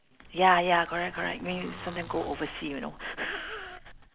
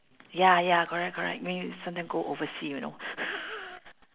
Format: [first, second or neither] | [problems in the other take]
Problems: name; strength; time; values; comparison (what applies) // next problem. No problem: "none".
second | background sound (Zipper (clothing)); 17 dB below the speech